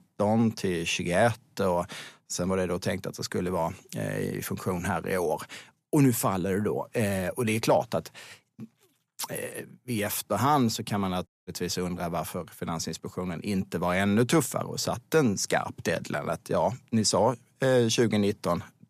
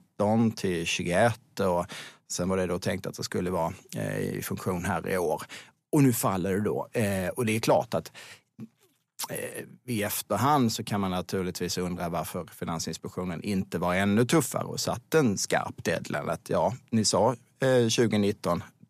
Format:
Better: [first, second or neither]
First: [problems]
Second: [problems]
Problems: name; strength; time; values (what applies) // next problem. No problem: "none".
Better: second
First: audio cutting out; at 11 s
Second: none